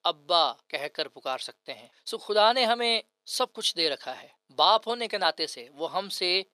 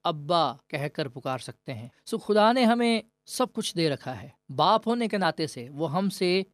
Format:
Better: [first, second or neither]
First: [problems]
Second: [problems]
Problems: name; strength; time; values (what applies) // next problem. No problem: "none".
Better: second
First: thin; very; fading below 550 Hz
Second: none